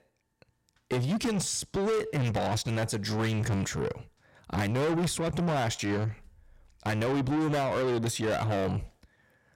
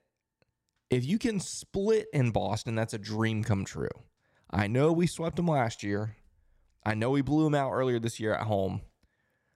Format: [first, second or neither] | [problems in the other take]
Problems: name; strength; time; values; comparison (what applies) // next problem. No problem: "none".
second | distortion; heavy; 6 dB below the speech